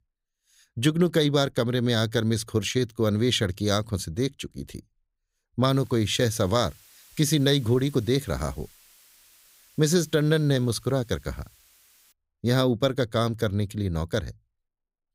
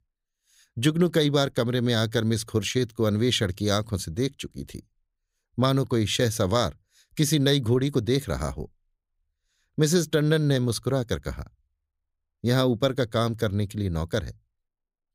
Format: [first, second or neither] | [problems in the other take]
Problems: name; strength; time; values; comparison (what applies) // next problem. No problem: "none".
second | hiss; faint; from 5.5 to 12 s; 30 dB below the speech